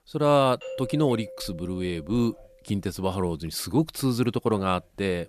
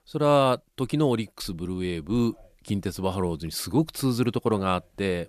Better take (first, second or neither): second